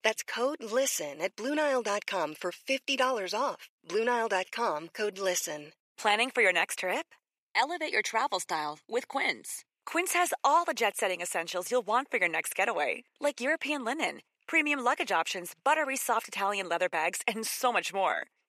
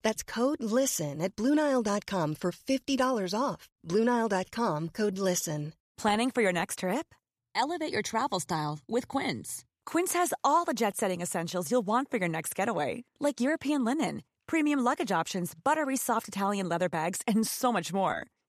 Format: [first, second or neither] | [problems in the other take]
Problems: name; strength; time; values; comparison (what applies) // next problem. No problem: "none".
second | thin; somewhat; fading below 500 Hz